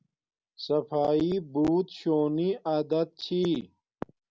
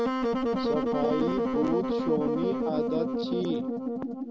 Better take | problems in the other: first | background sound (Wind instrument, woodwind instrument); 4 dB above the speech

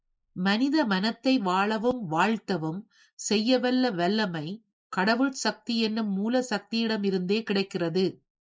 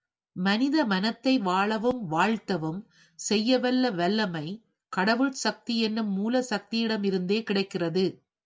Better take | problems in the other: second | noise reduction (neural mask model Resemble Enhance denoiser)

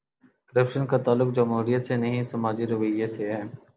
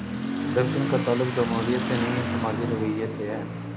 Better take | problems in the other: first | background sound (Motorcycle / Accelerating, revving, vroom); 2 dB below the speech

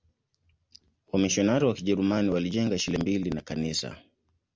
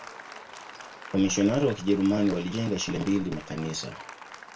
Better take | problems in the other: first | background sound (Applause); 16 dB below the speech // room echo; dies away in 0.2 s

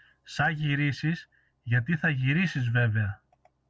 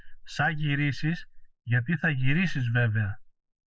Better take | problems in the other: first | noise reduction (neural mask model Resemble Enhance denoiser)

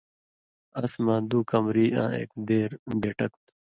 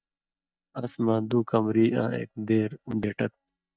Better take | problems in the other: first | noise reduction (neural mask model DeepFilterNet 3)

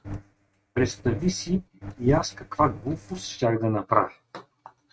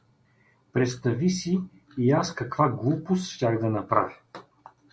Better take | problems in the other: second | noise reduction (neural mask model RNNoise)

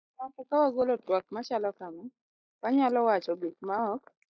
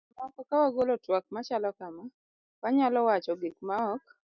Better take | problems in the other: second | noise reduction (neural mask model Resemble Enhance denoiser)

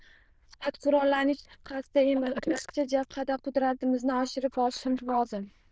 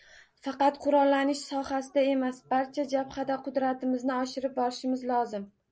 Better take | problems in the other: second | noise reduction (neural diffusion model UNIVERSE++)

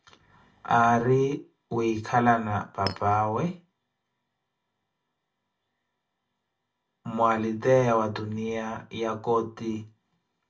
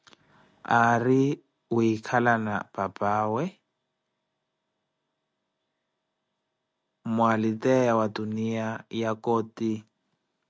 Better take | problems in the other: second | background sound (Chink, clink); 11 dB below the speech // room echo; dies away in 0.2 s

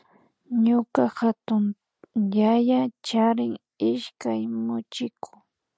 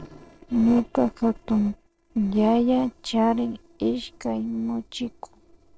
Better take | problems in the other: first | noise reduction (neural separator model SepFormer DNS4)

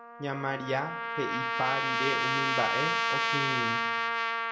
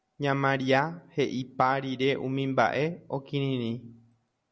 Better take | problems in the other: second | background sound (Trumpet); 5 dB above the speech // room echo; dies away in 0.6 s

